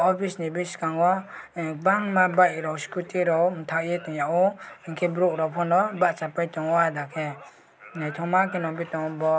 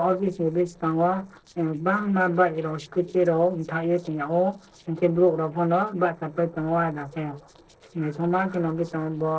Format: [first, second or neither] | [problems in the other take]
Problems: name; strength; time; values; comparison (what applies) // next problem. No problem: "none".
first | noise reduction (neural separator model SepFormer DNS4)